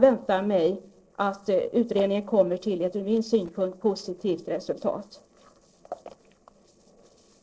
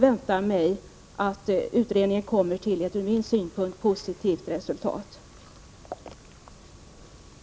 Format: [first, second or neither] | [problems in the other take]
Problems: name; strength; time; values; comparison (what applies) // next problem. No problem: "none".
second | noise reduction (neural separator model SepFormer DNS4)